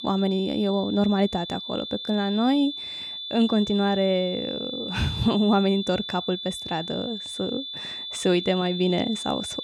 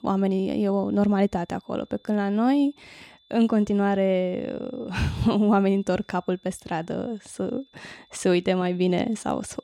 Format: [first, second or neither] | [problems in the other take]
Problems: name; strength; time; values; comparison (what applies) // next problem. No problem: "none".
second | high-pitched whine; loud; throughout; 3.5 kHz, 7 dB below the speech; faint in the second